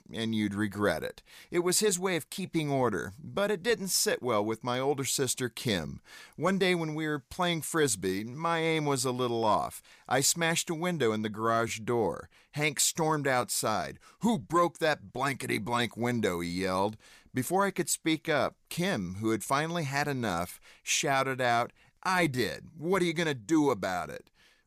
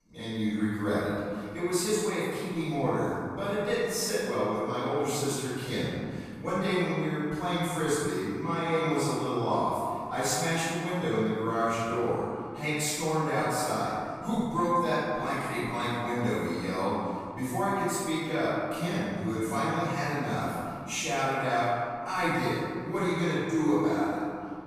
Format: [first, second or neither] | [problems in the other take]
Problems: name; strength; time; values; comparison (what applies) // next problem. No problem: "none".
first | off-mic speech; far // room echo; strong; dies away in 2.2 s